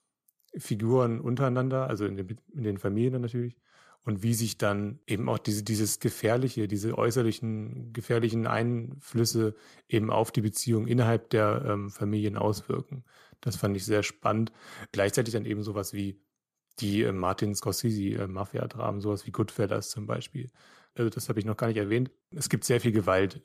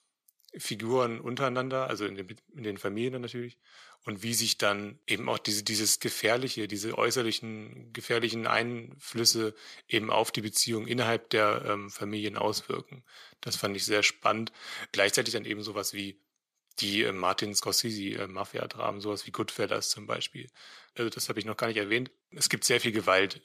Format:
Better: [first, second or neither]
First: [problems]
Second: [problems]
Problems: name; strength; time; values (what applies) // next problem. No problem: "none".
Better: first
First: none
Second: thin; somewhat; fading below 550 Hz